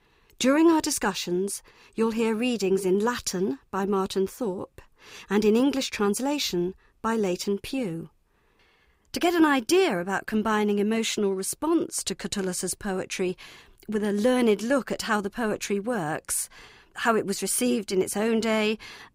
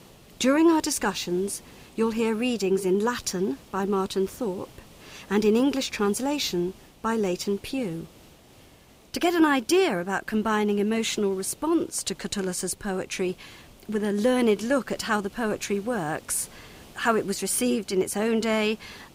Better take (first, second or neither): first